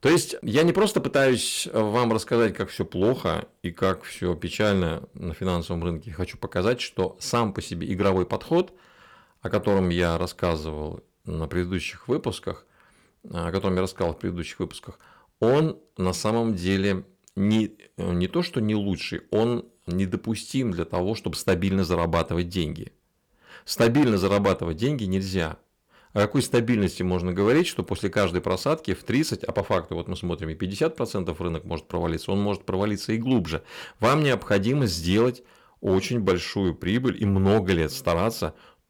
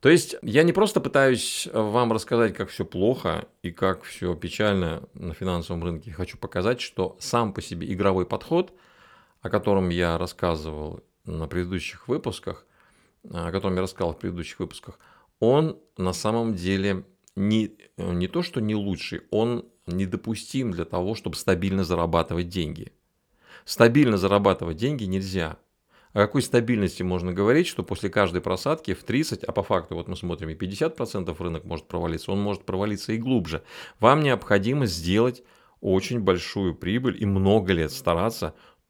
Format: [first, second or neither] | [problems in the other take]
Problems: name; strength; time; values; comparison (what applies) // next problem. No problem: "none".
second | distortion; slight; 3% of the sound clipped